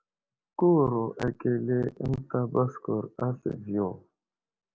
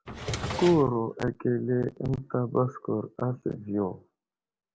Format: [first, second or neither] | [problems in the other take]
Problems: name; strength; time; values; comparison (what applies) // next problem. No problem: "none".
first | background sound (Drawer open or close); 6 dB below the speech